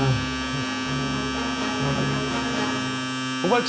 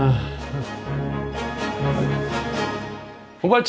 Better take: second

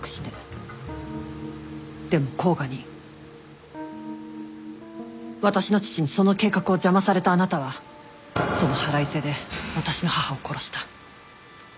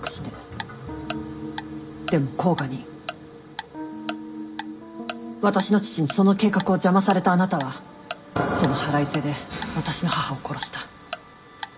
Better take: first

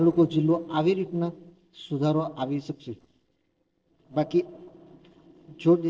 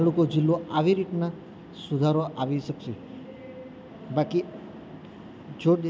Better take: second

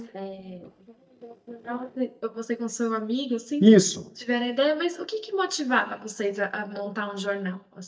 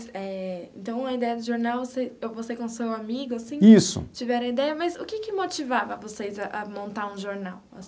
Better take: second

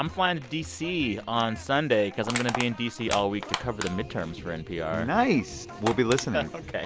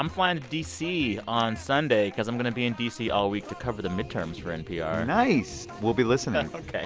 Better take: second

